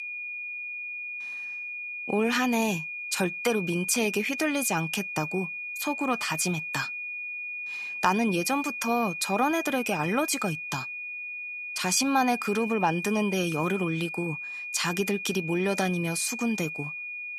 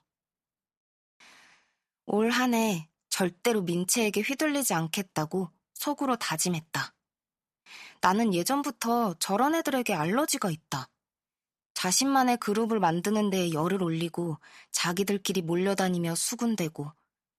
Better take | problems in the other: second | high-pitched whine; loud; throughout; 2.5 kHz, 6 dB below the speech

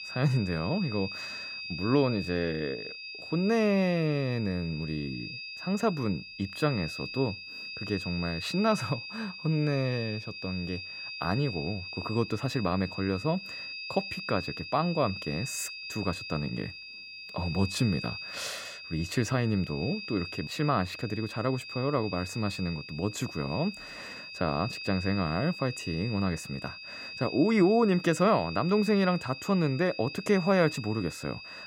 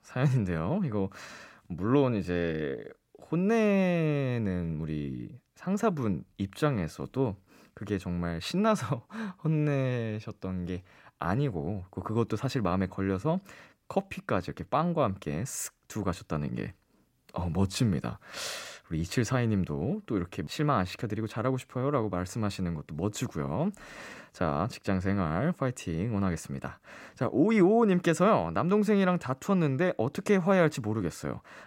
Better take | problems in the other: second | high-pitched whine; loud; throughout; 2.5 kHz, 9 dB below the speech

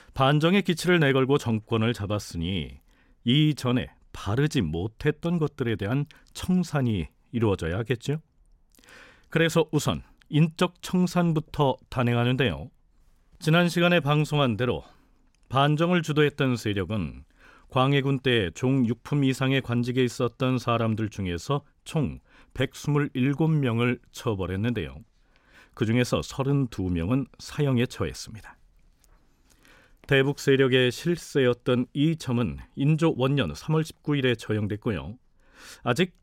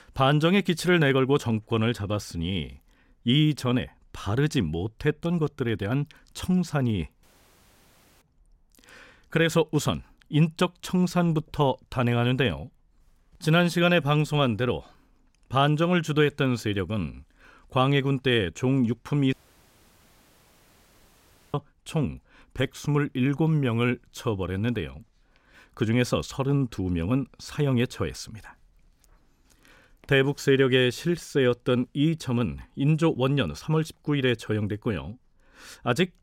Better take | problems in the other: first | audio cutting out; at 7 s for 1 s and at 19 s for 2 s

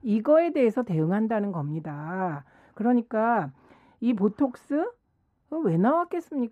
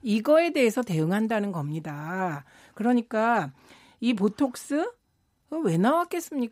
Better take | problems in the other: second | muffled; very; fading above 2.5 kHz

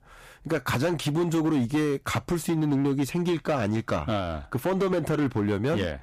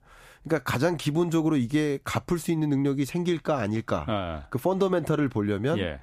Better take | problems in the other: second | distortion; slight; 13% of the sound clipped

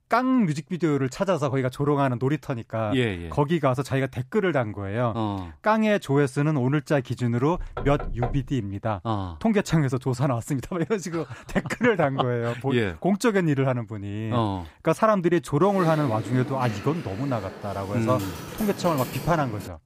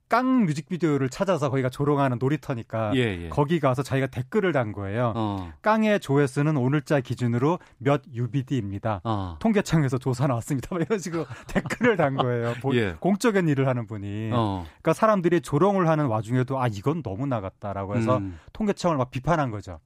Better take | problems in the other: second | door banging; noticeable; at 7.5 s; peak 8 dB below the speech // keyboard typing; noticeable; from 16 s on; peak 9 dB below the speech

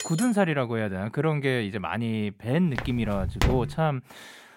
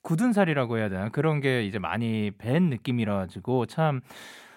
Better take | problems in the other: second | clattering dishes; noticeable; at the start; peak 8 dB below the speech // footsteps; loud; at 3 s; peak level with the speech

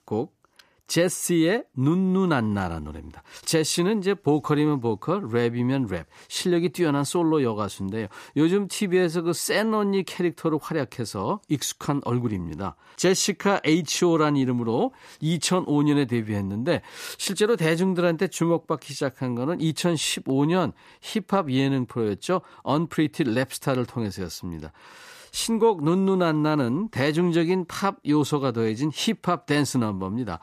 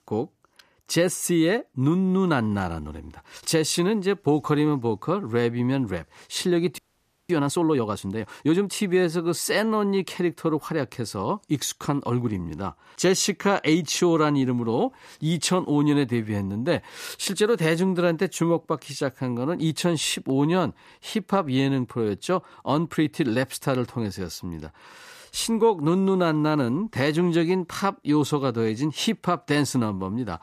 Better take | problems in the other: first | audio freezing; at 7 s for 0.5 s

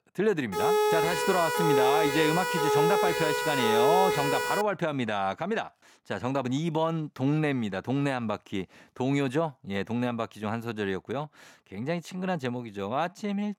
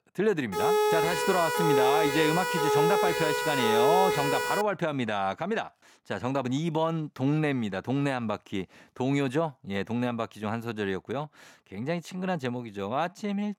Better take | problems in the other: neither | siren; loud; from 0.5 to 4.5 s; peak 6 dB above the speech; the same in both

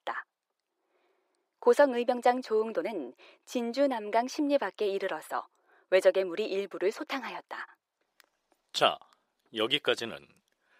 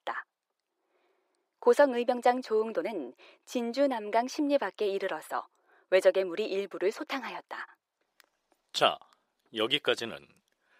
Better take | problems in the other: neither | thin; somewhat; fading below 500 Hz; the same in both

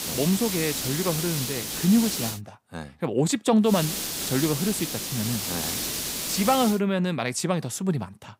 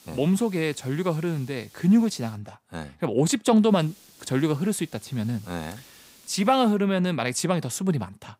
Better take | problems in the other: second | hiss; loud; until 2.5 s and from 3.5 to 6.5 s; 3 dB below the speech; faint in the second

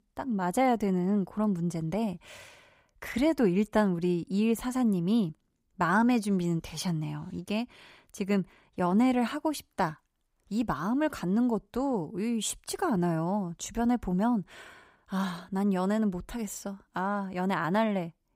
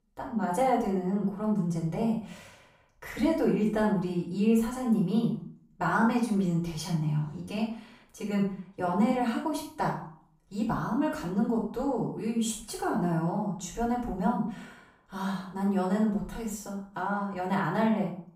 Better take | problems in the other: first | off-mic speech; far // room echo; noticeable; dies away in 0.4 s

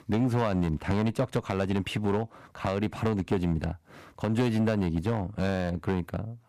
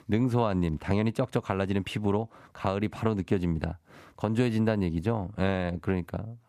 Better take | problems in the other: second | distortion; slight; 5% of the sound clipped

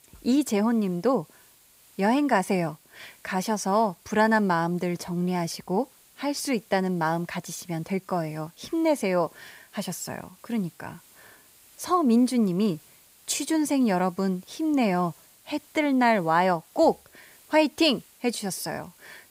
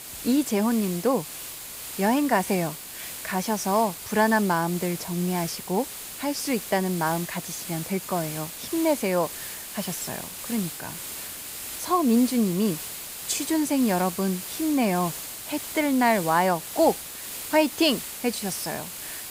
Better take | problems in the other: first | hiss; loud; throughout; 8 dB below the speech; faint in the first

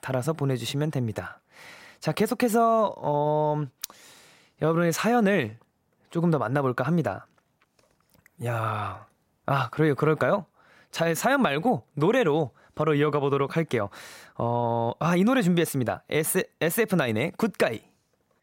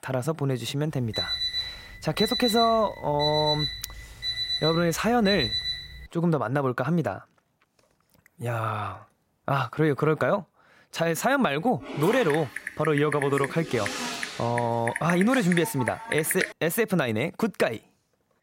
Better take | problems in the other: first | alarm; loud; from 1 to 6 s; peak level with the speech // keyboard typing; noticeable; from 12 to 17 s; peak 3 dB below the speech

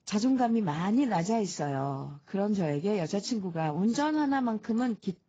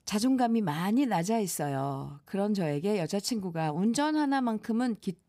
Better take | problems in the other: second | garbled, watery; badly; nothing above 7.5 kHz

